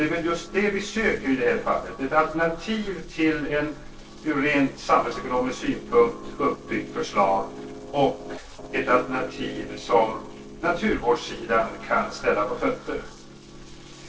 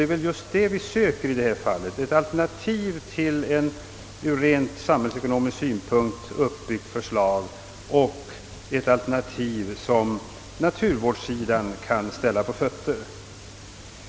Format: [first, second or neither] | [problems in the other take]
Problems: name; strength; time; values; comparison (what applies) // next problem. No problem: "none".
second | noise reduction (neural separator model SepFormer DNS4)